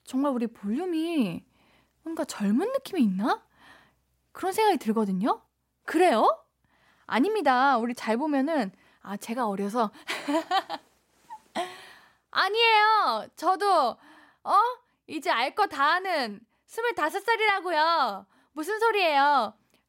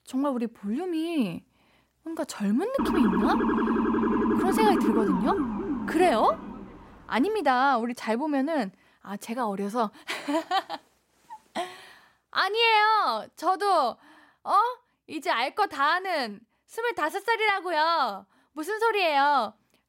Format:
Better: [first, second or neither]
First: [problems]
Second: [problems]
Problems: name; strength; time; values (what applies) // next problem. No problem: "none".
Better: first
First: none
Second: siren; loud; from 3 to 6.5 s; peak 2 dB above the speech